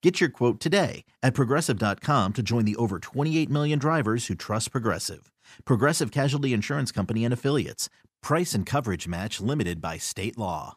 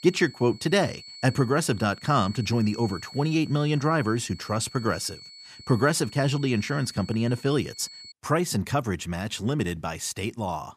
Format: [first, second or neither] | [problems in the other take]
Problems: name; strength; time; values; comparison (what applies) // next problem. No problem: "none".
first | high-pitched whine; noticeable; until 8 s; 4.5 kHz, 15 dB below the speech